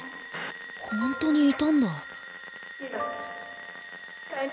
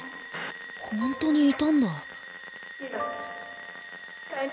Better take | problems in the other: second | background sound (Glockenspiel); 17 dB below the speech

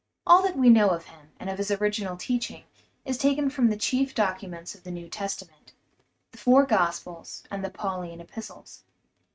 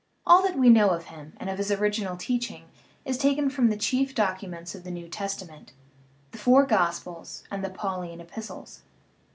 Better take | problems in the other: second | noise reduction (neural mask model RNNoise)

